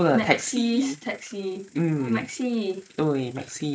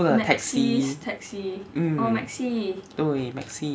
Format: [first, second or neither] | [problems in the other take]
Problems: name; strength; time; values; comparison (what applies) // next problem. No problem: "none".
second | noise reduction (neural mask model Resemble Enhance denoiser)